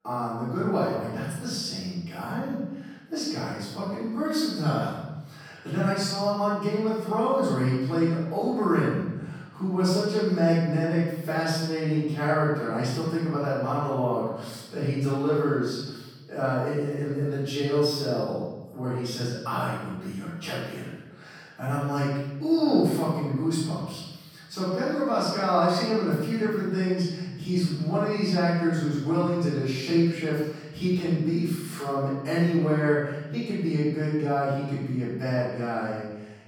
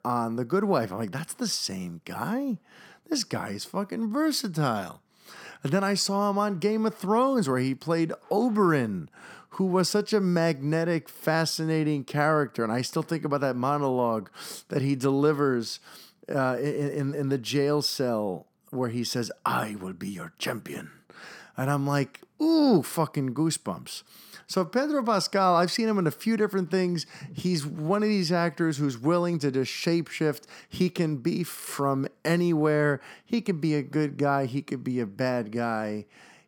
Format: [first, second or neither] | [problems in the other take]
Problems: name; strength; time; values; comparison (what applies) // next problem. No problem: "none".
second | off-mic speech; far // room echo; strong; dies away in 1.1 s